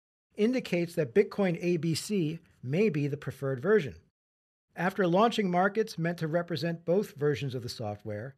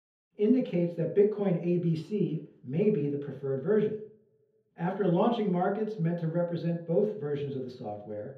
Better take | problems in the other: first | room echo; noticeable; dies away in 0.5 s // off-mic speech; far

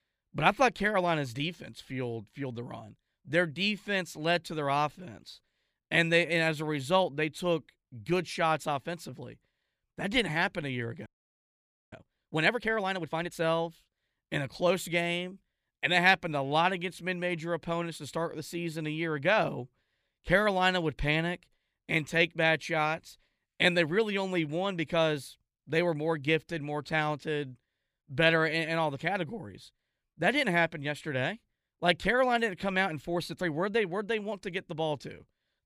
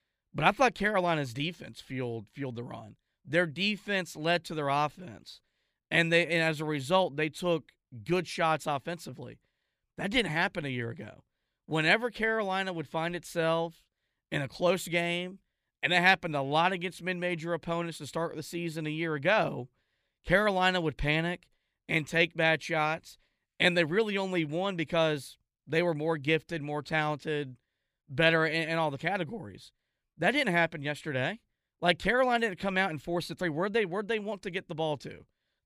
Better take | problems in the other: second | audio freezing; at 11 s for 1 s

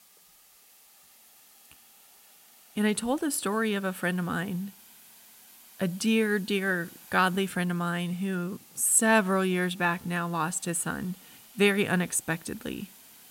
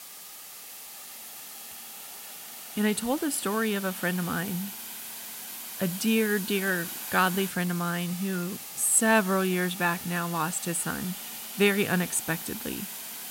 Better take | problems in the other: first | hiss; loud; throughout; 9 dB below the speech; faint in the first

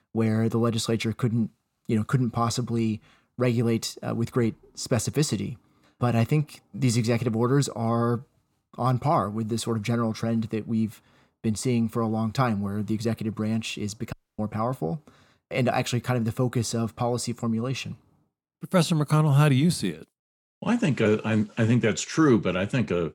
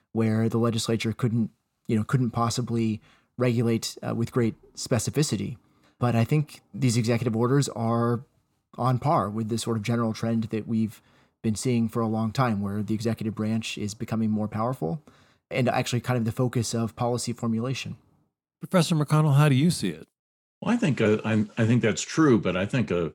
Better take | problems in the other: second | audio cutting out; at 14 s

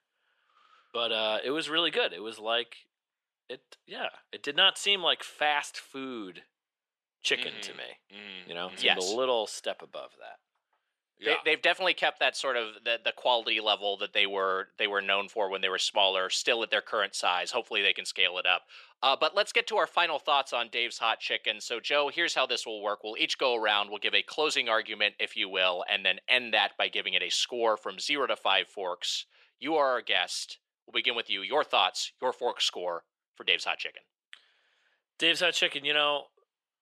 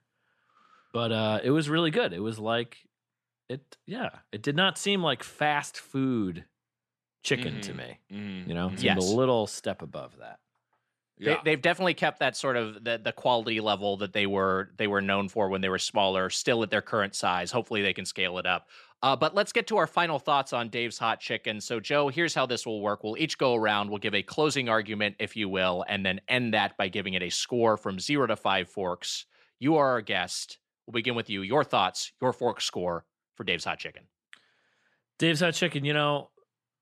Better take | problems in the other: second | thin; somewhat; fading below 500 Hz

